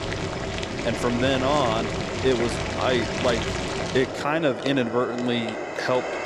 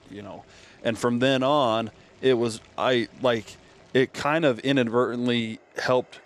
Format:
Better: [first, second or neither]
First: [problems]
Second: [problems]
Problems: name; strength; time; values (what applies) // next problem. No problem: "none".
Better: second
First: household noises; loud; throughout; 3 dB below the speech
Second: household noises; faint; throughout; 30 dB below the speech